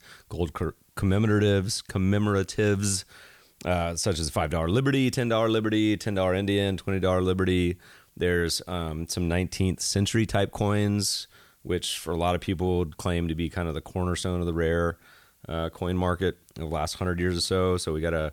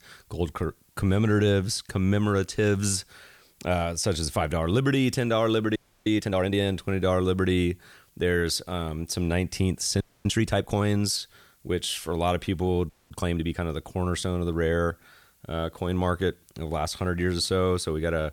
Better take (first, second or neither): first